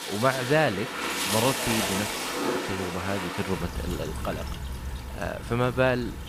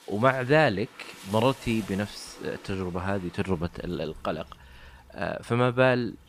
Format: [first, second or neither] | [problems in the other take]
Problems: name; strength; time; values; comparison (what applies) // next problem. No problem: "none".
second | rain or running water; loud; throughout; 2 dB below the speech; faint in the second